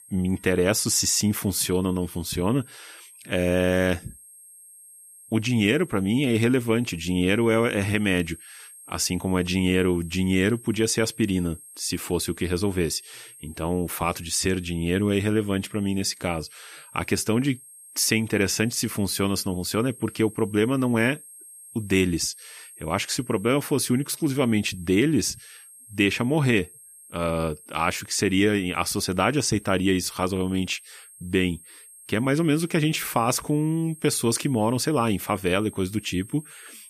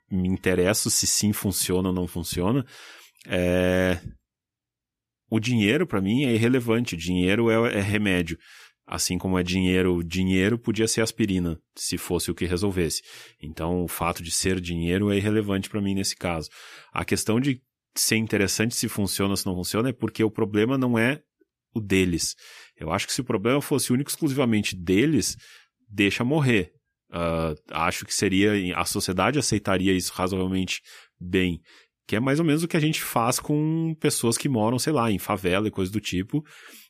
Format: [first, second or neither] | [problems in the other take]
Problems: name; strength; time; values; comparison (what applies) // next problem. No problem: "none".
second | high-pitched whine; noticeable; throughout; 8.5 kHz, 20 dB below the speech